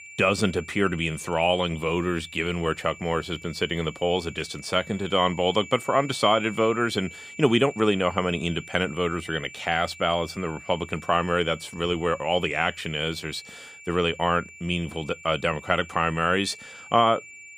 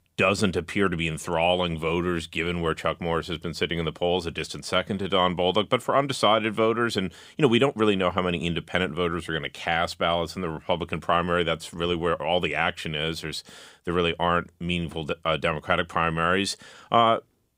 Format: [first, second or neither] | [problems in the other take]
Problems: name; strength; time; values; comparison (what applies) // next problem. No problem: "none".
second | high-pitched whine; noticeable; throughout; 2.5 kHz, 15 dB below the speech